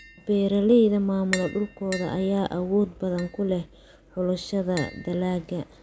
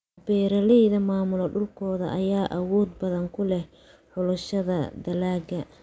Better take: second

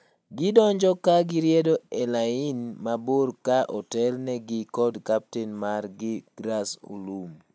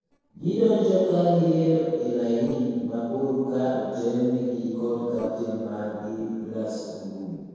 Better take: first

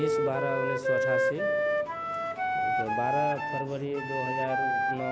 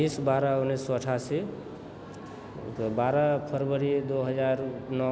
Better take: second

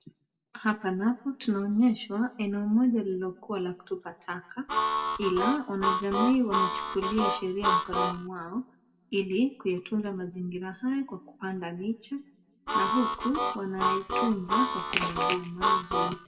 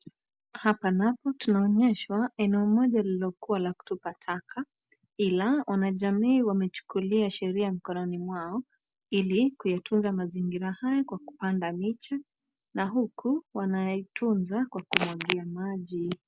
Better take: second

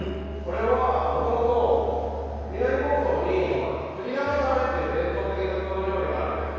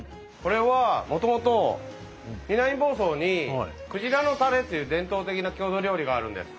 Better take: second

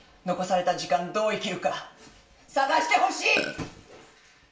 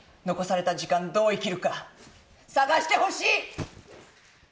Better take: second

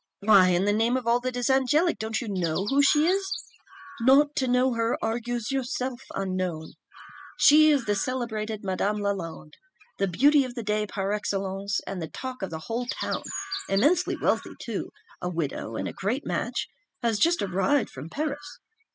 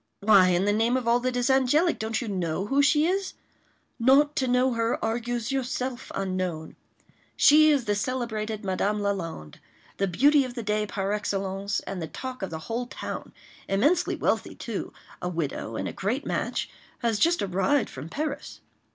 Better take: second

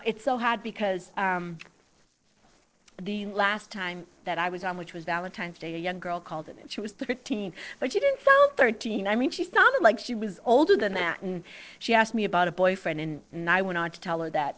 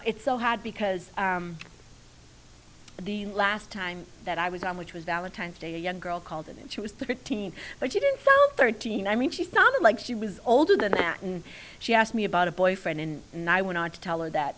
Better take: second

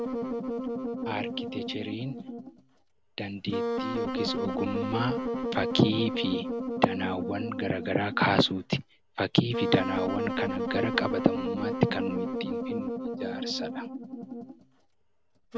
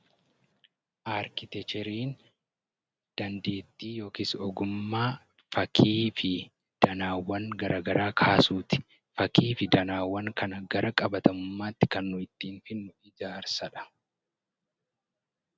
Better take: second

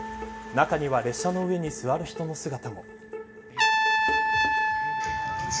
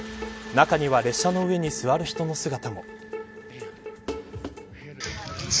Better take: second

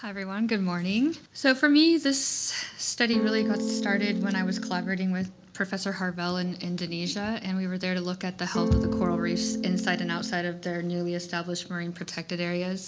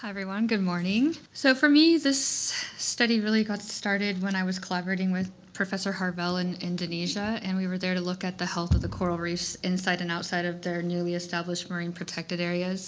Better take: second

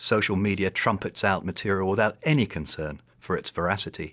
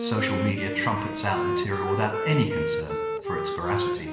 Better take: first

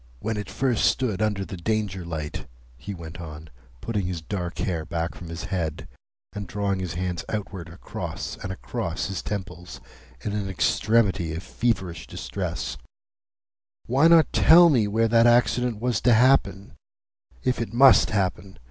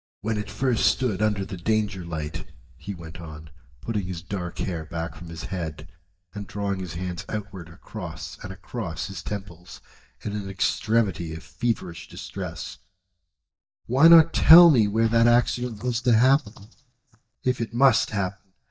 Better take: first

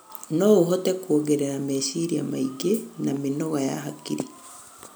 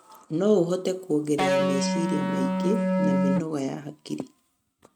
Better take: first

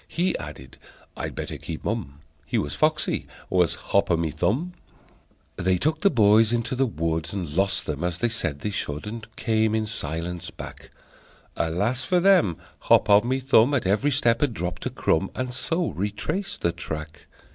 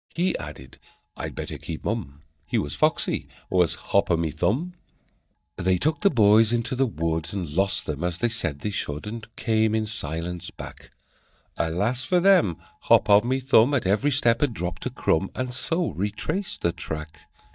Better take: first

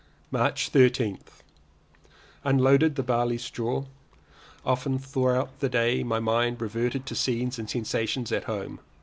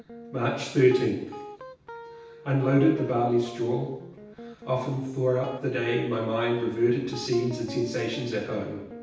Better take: first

